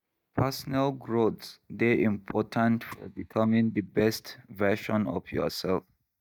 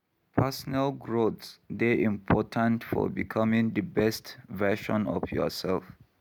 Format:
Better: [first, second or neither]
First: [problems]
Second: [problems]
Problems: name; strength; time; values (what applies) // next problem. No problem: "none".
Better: second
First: noise reduction (neural mask model DeepFilterNet 3)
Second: none